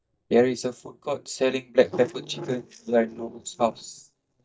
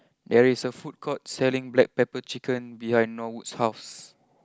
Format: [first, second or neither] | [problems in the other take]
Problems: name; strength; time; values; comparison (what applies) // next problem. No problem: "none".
second | noise reduction (neural mask model DeepFilterNet 3)